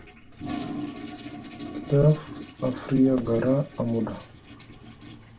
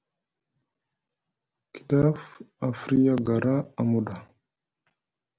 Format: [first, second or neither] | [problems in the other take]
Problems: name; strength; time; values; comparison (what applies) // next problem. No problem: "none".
second | background sound (Toilet flush); 12 dB below the speech // room echo; dies away in 0.1 s